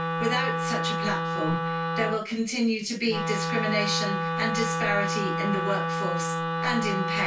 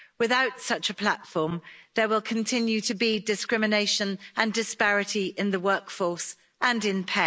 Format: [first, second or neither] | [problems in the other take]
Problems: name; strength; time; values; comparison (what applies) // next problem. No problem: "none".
second | background sound (Wind instrument, woodwind instrument); as loud as the speech // room echo; dies away in 0.2 s